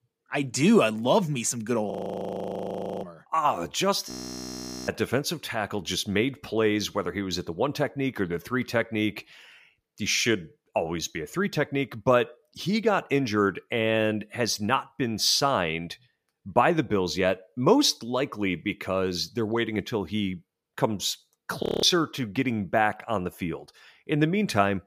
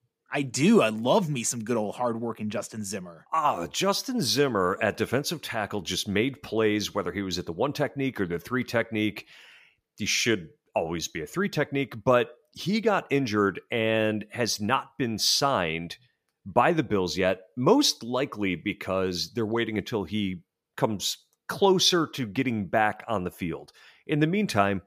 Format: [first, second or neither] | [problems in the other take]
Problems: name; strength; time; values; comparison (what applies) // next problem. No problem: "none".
second | audio freezing; at 2 s for 1 s, at 4 s for 1 s and at 22 s